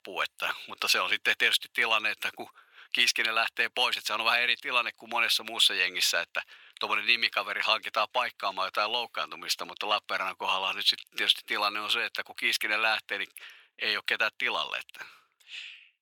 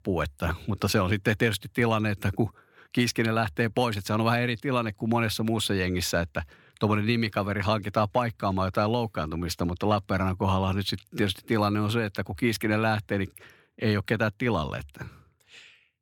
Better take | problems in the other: second | thin; very; fading below 900 Hz

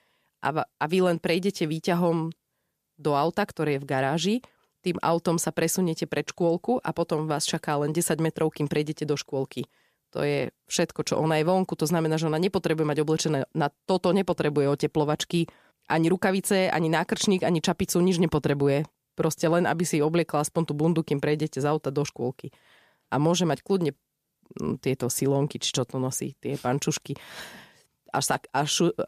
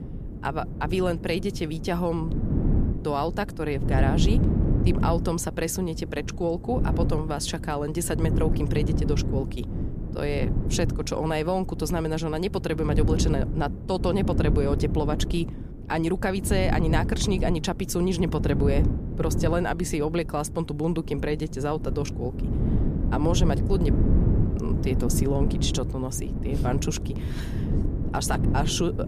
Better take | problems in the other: first | wind noise on the microphone; heavy; 8 dB below the speech

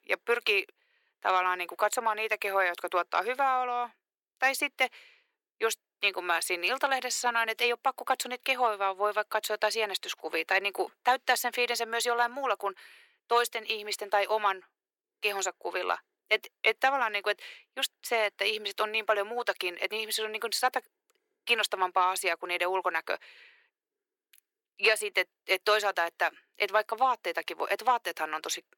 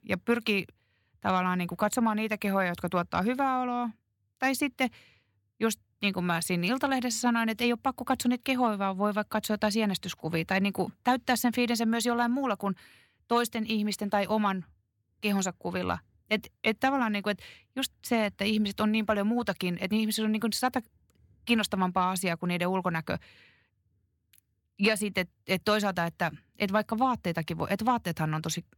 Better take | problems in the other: second | thin; very; fading below 350 Hz

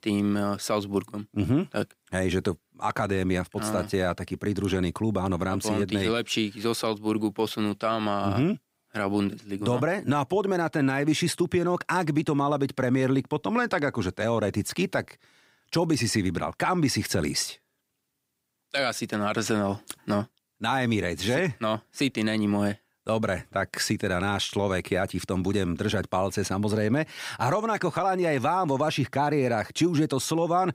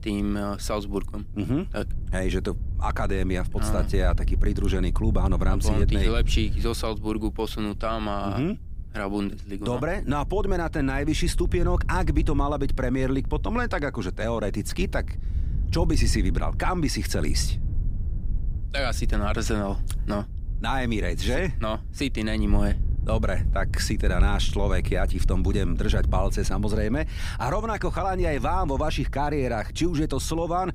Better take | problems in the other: first | wind noise on the microphone; occasional gusts; 20 dB below the speech

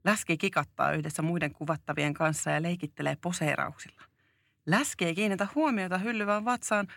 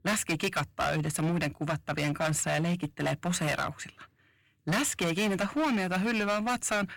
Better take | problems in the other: first | distortion; heavy; 16% of the sound clipped

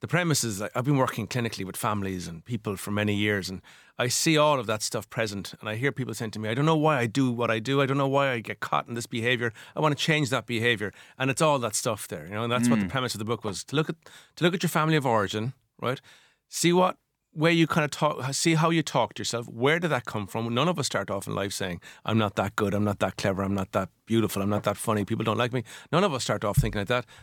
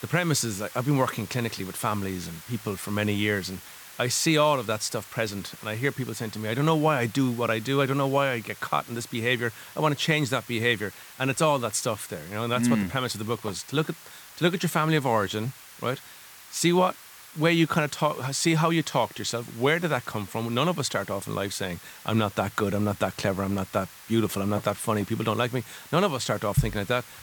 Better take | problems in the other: first | hiss; noticeable; throughout; 20 dB below the speech

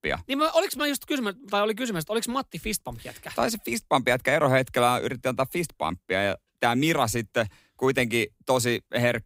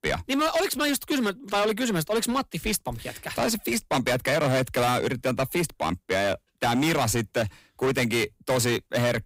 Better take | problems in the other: first | distortion; heavy; 17% of the sound clipped

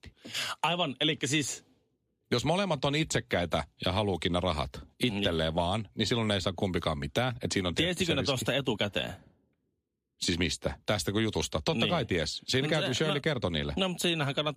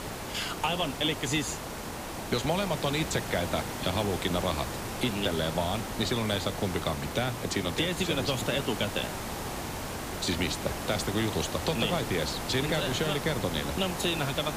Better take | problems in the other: first | hiss; loud; throughout; 5 dB below the speech

